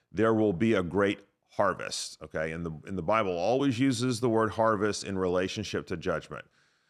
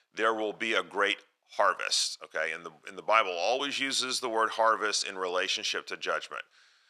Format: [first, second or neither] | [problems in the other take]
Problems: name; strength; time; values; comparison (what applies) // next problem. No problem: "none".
first | thin; very; fading below 700 Hz